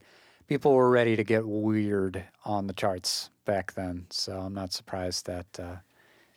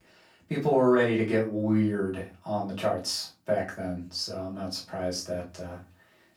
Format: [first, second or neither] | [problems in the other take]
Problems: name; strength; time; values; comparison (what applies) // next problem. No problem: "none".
first | off-mic speech; far // room echo; very slight; dies away in 0.3 s